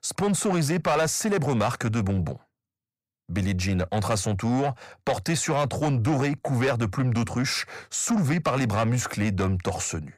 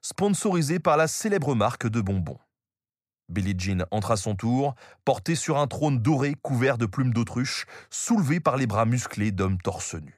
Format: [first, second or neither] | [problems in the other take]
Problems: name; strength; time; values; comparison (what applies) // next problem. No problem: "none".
second | distortion; slight; 10 dB below the speech